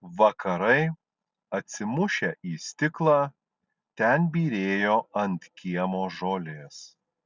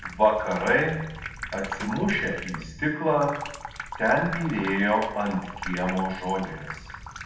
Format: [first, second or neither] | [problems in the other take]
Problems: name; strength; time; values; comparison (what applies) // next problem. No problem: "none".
first | background sound (Sink (filling or washing) / Water tap, faucet); 10 dB below the speech // room echo; dies away in 0.8 s